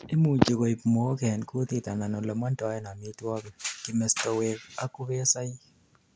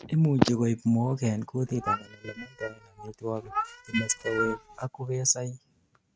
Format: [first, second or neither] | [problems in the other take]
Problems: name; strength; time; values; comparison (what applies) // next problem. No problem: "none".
first | noise reduction (neural mask model RNNoise)